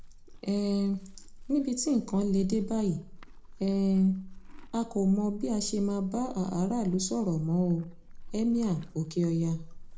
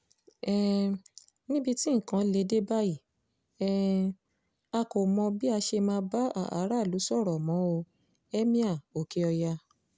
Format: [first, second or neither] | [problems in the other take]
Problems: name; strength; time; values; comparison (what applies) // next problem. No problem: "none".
second | background sound (Livestock, farm animals, working animals); 14 dB below the speech // room echo; dies away in 0.3 s